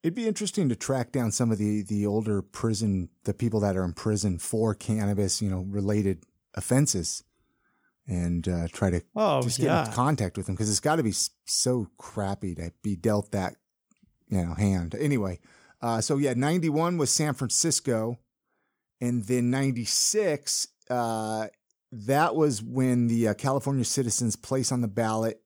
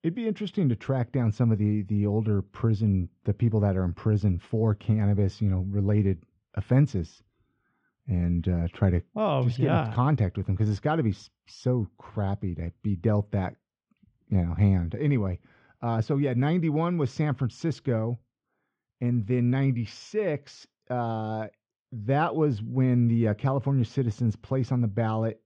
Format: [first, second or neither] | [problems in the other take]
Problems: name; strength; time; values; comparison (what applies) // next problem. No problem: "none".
first | muffled; very; fading above 3 kHz